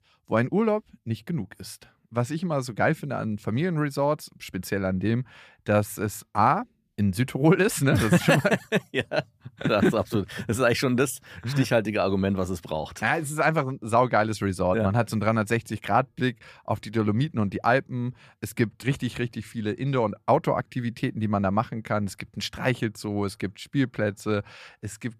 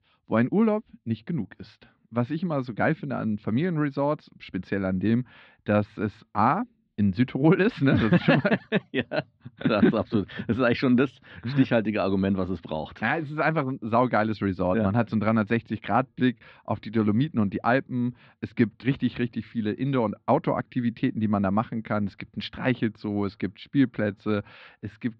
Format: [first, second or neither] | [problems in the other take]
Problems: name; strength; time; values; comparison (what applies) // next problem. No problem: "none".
first | muffled; slightly; fading above 4 kHz